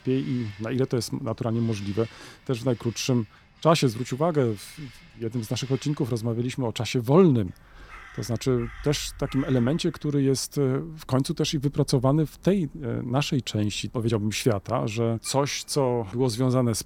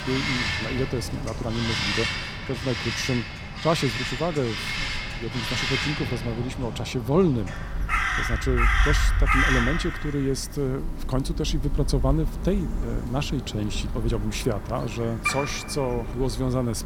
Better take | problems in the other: first | animal sounds; loud; throughout; as loud as the speech; faint in the first

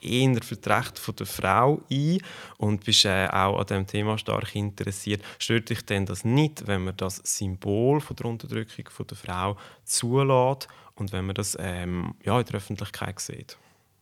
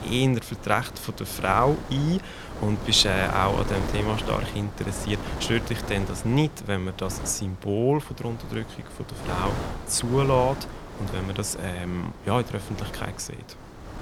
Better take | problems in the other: first | wind noise on the microphone; occasional gusts; 10 dB below the speech

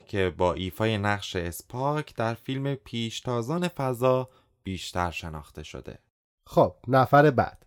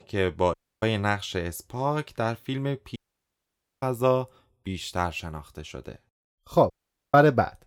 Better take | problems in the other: first | audio cutting out; at 0.5 s, at 3 s for 1 s and at 6.5 s

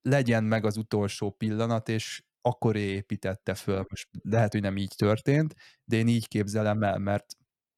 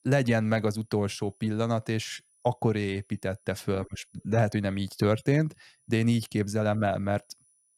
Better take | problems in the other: first | high-pitched whine; faint; throughout; 10 kHz, 35 dB below the speech

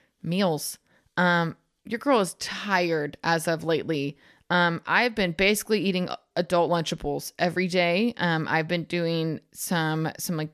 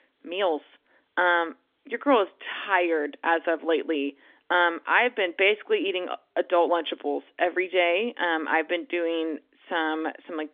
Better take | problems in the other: first | phone-call audio; nothing above 3.5 kHz

